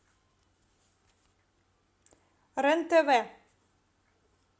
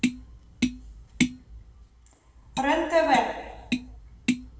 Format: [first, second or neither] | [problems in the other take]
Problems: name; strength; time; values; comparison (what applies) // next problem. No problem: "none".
first | background sound (Tap); 2 dB below the speech // room echo; dies away in 1 s